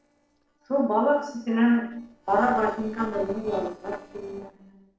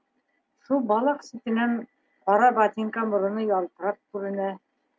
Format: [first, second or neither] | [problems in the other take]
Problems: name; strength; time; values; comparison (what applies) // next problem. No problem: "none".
second | noise reduction (neural separator model SepFormer DNS4)